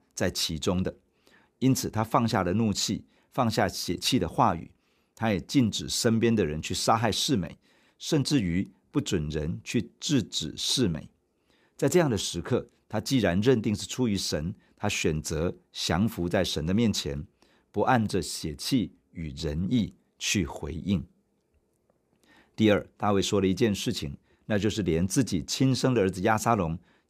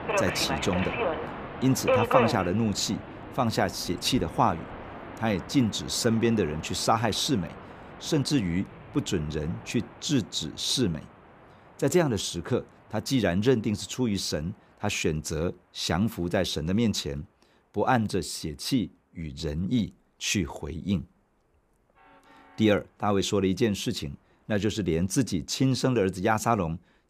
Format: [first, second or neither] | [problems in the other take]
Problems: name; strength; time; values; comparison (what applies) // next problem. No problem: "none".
first | train or aircraft noise; loud; throughout; 6 dB below the speech